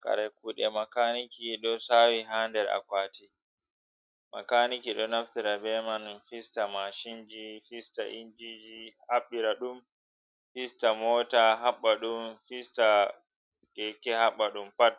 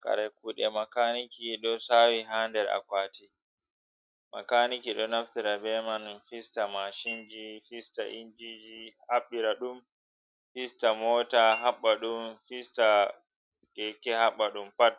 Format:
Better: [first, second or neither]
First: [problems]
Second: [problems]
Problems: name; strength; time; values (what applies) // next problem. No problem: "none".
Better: first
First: none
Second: background sound (Chink, clink); 14 dB below the speech